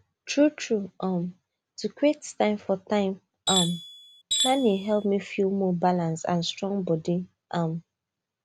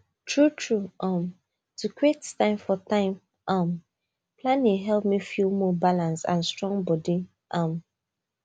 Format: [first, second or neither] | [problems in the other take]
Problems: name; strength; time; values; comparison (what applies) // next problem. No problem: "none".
second | background sound (Tools); 3 dB below the speech